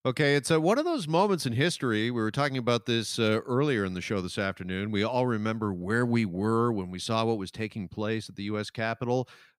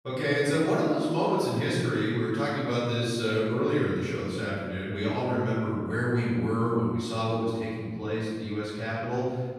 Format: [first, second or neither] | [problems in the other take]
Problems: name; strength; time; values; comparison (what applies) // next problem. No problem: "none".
first | off-mic speech; far // room echo; strong; dies away in 1.5 s